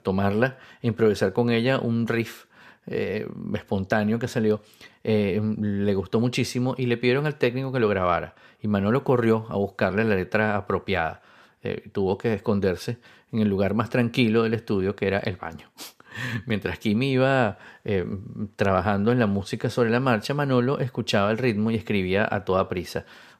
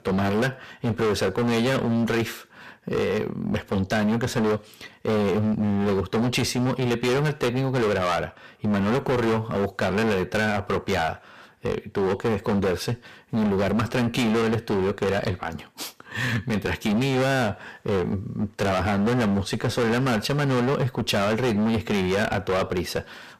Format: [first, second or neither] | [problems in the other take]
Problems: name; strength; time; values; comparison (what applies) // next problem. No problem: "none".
first | distortion; heavy; 24% of the sound clipped